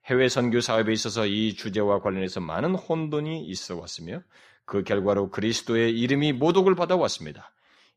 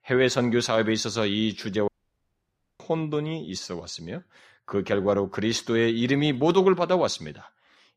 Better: first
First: none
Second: audio cutting out; at 2 s for 1 s

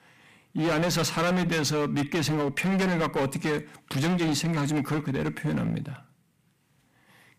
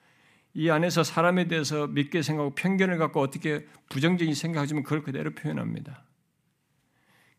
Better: second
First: distortion; heavy; 20% of the sound clipped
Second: none

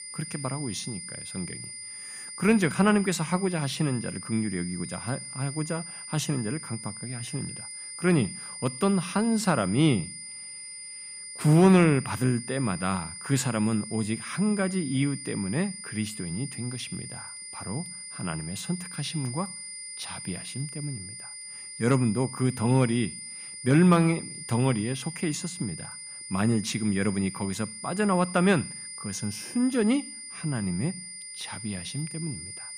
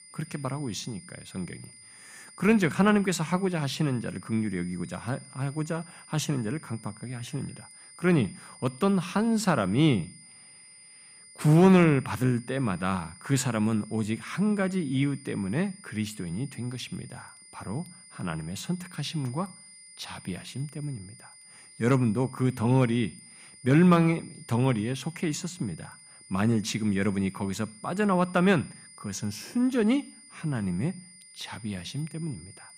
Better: second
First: high-pitched whine; loud; throughout; 9 kHz, 10 dB below the speech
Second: high-pitched whine; faint; throughout; 9 kHz, 20 dB below the speech

